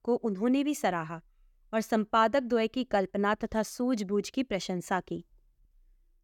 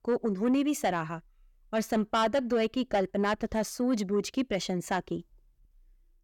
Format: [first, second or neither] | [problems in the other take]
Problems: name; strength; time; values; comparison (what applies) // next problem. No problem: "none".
first | distortion; slight; 10 dB below the speech